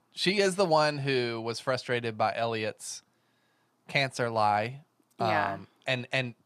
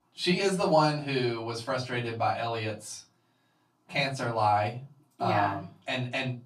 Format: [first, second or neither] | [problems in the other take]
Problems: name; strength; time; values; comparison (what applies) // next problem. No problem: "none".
first | off-mic speech; far // room echo; very slight; dies away in 0.2 s